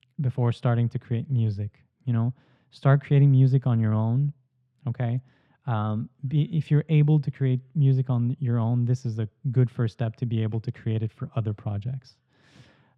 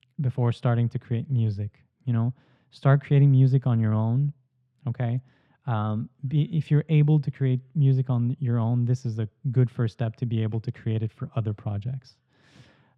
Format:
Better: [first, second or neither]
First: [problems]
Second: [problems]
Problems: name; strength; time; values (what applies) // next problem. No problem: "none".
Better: neither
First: muffled; slightly; fading above 3.5 kHz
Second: muffled; slightly; fading above 3.5 kHz